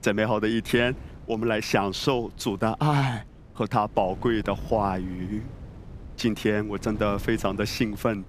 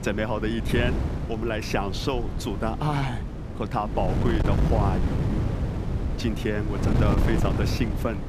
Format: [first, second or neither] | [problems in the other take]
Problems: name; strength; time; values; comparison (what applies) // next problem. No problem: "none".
first | wind noise on the microphone; heavy; 5 dB below the speech; occasional gusts in the first